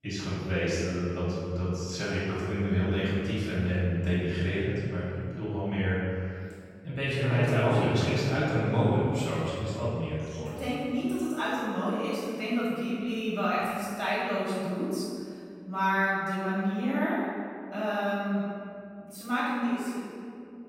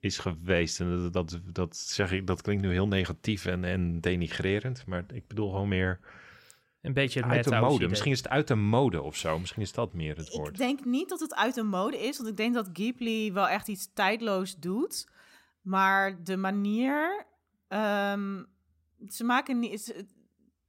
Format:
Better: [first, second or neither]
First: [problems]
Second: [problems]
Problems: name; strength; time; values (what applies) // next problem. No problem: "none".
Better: second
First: off-mic speech; far // room echo; strong; dies away in 2.2 s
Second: none